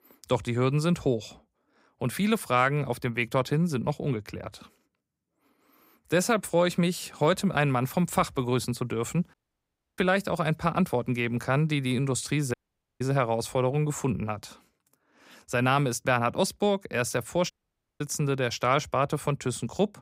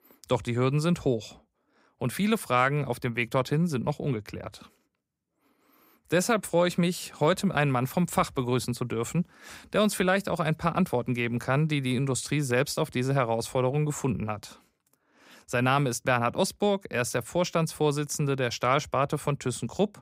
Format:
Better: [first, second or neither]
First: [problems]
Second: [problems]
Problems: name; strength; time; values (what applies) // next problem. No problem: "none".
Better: second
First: audio cutting out; at 9.5 s for 0.5 s, at 13 s and at 18 s for 0.5 s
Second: none